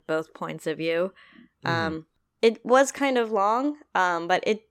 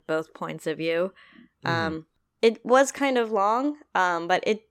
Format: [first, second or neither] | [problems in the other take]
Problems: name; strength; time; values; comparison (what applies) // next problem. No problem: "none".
neither | none